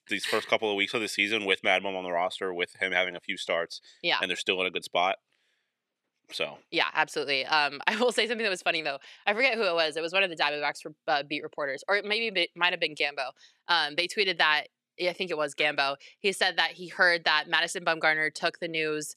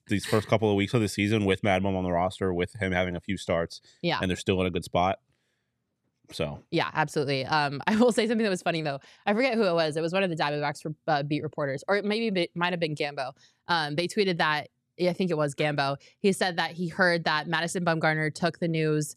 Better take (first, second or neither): second